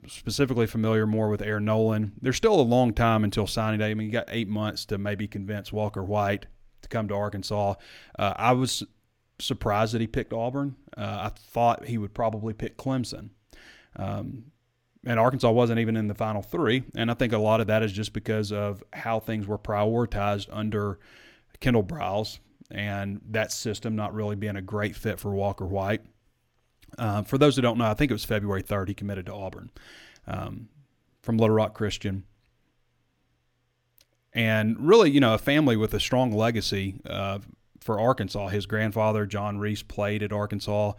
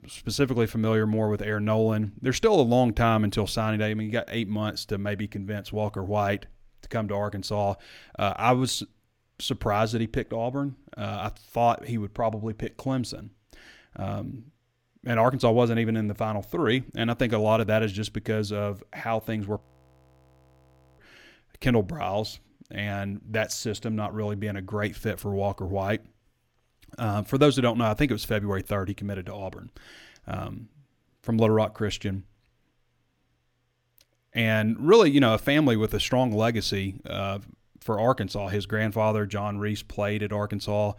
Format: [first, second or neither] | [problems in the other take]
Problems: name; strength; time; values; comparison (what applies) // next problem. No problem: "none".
first | audio freezing; at 20 s for 1.5 s